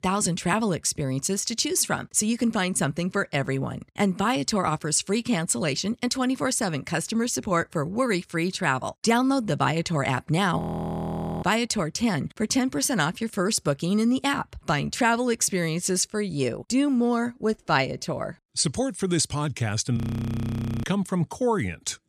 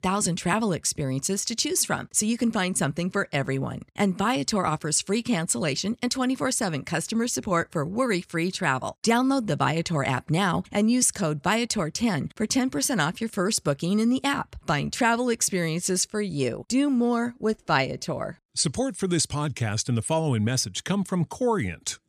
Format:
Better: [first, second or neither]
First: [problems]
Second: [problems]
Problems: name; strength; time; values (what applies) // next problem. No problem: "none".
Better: second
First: audio freezing; at 11 s for 1 s and at 20 s for 1 s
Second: none